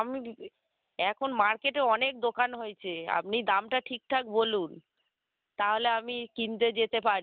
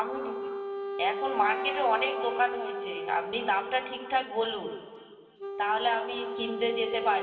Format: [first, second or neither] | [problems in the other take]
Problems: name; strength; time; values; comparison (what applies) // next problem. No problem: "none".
first | background sound (Wind instrument, woodwind instrument); 5 dB below the speech // room echo; dies away in 2.7 s